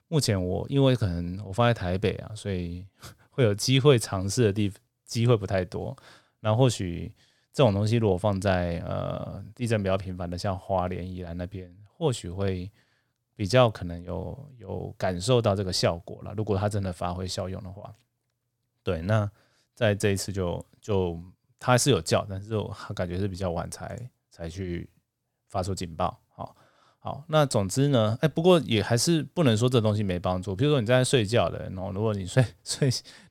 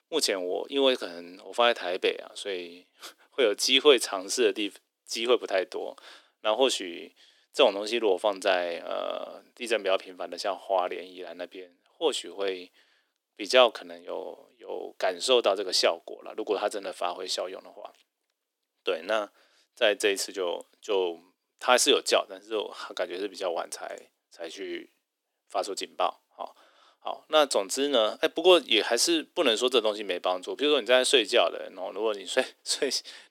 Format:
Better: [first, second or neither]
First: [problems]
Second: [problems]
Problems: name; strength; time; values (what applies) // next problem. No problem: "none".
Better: first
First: none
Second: thin; very; fading below 300 Hz